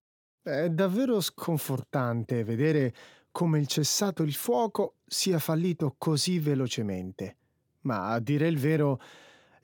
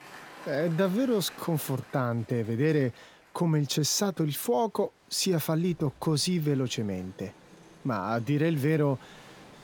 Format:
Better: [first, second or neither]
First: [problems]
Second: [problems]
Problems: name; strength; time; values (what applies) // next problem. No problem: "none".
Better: first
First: none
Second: crowd noise; faint; throughout; 25 dB below the speech